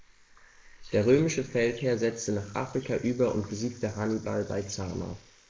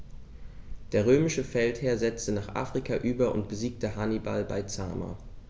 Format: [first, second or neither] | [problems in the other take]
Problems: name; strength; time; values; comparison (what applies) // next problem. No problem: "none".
second | noise reduction (neural mask model Resemble Enhance denoiser)